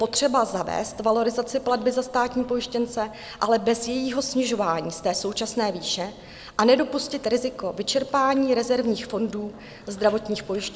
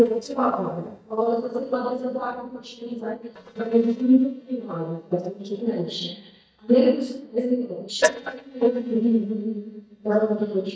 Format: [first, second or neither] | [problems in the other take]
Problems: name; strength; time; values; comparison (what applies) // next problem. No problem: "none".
first | noise reduction (neural mask model DeepFilterNet 3)